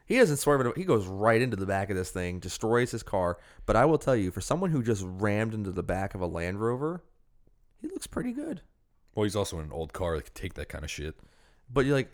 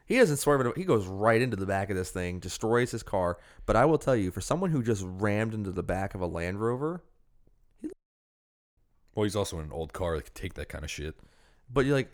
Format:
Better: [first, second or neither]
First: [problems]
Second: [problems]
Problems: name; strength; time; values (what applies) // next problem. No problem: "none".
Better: first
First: none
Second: audio cutting out; at 8 s for 1 s